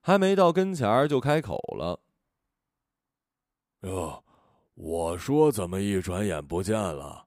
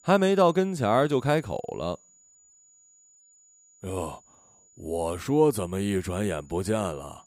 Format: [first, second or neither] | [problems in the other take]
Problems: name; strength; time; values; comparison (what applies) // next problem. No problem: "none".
first | high-pitched whine; faint; throughout; 7 kHz, 30 dB below the speech